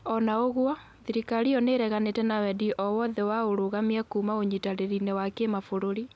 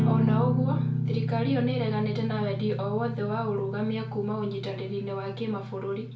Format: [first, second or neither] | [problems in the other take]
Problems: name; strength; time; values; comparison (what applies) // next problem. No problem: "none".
first | background sound (Guitar); 1 dB above the speech // room echo; dies away in 0.4 s